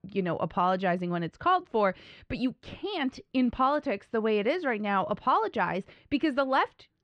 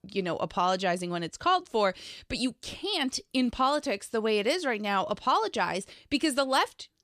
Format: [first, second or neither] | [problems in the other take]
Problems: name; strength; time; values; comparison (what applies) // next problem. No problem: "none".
second | muffled; slightly; fading above 2 kHz